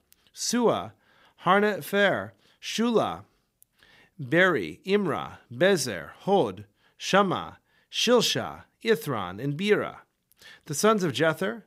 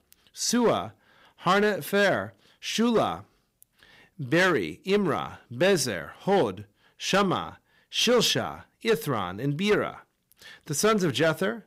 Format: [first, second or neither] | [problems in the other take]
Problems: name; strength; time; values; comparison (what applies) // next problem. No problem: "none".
first | distortion; slight; 4% of the sound clipped